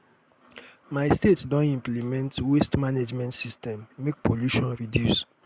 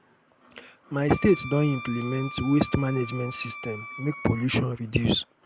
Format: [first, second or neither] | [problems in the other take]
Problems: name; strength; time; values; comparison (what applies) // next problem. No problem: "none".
first | background sound (Wind instrument, woodwind instrument); 15 dB below the speech